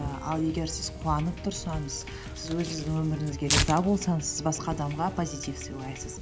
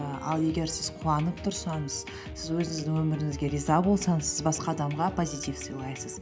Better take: second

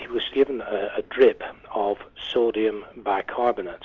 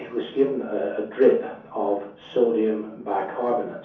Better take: first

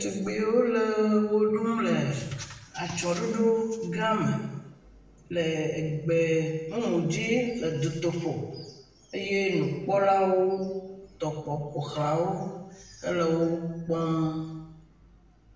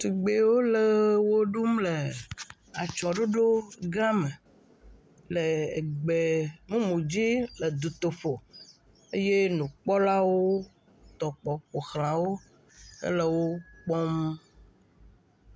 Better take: second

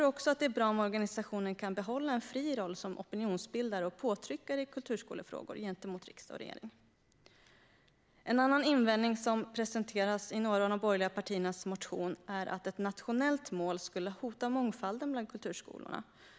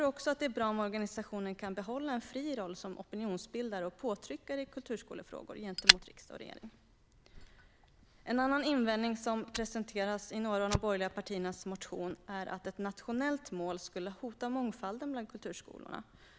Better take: first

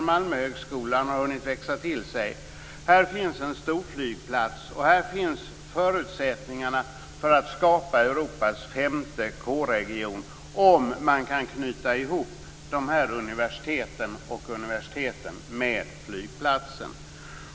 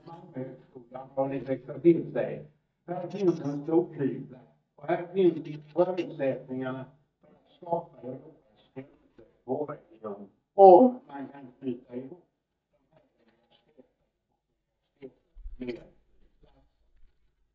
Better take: first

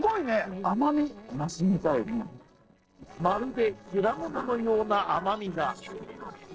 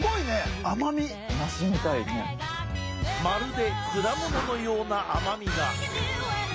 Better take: second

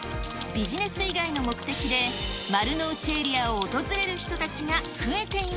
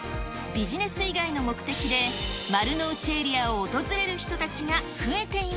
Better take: second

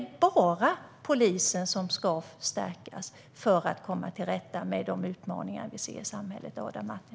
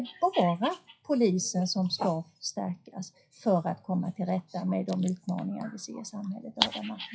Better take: first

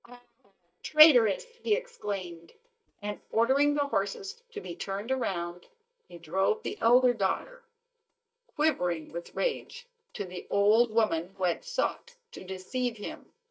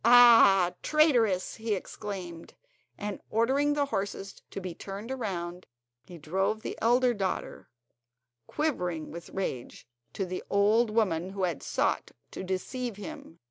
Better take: second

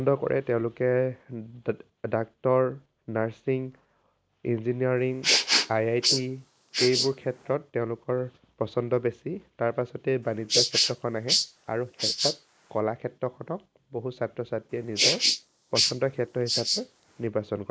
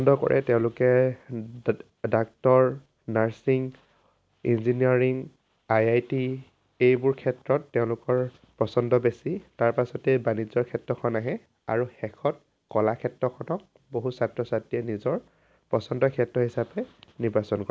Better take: second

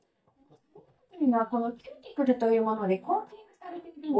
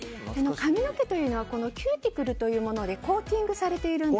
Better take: second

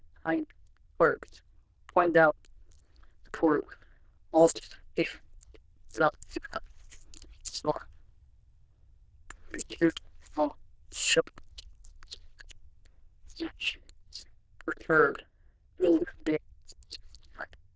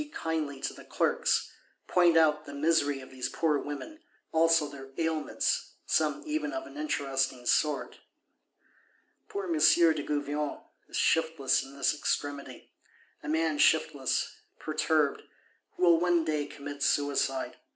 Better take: second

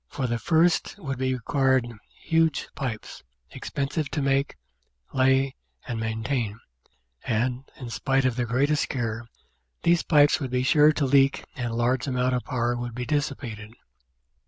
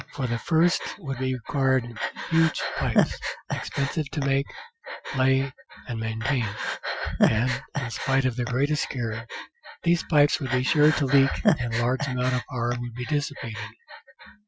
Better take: first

